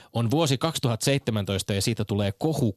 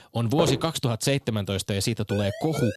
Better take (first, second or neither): first